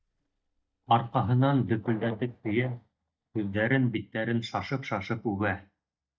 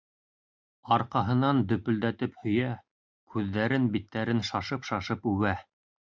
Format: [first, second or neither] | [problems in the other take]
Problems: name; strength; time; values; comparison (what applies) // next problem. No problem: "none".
second | noise reduction (neural mask model DeepFilterNet 3)